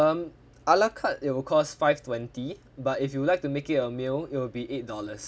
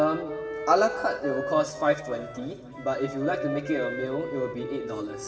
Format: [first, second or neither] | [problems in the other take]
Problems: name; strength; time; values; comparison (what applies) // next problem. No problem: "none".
first | background sound (Wind instrument, woodwind instrument); 8 dB below the speech // room echo; dies away in 2.4 s